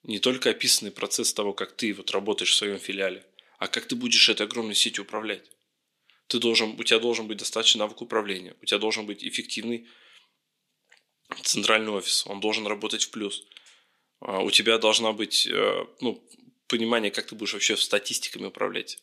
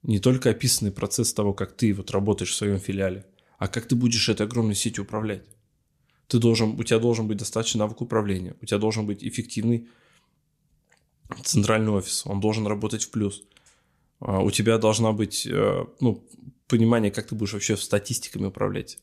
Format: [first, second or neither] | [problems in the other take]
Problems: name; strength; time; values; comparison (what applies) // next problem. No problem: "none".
second | thin; somewhat; fading below 300 Hz